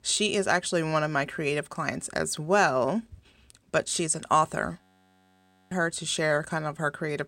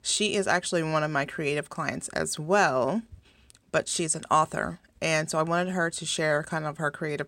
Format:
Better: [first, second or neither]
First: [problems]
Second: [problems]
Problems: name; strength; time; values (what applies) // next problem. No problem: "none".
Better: second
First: audio freezing; at 5 s for 1 s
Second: none